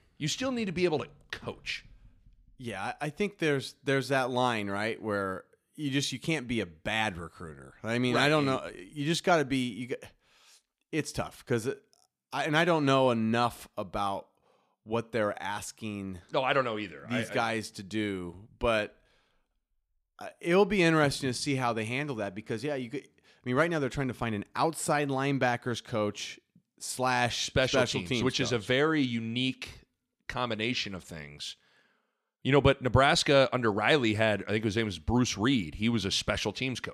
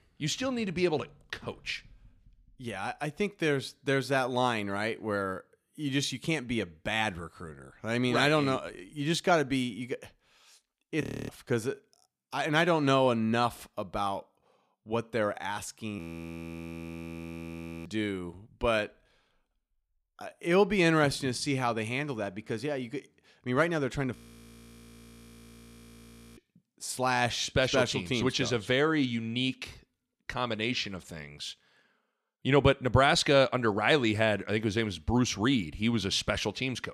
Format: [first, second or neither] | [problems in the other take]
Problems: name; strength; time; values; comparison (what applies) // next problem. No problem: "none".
first | audio freezing; at 11 s, at 16 s for 2 s and at 24 s for 2 s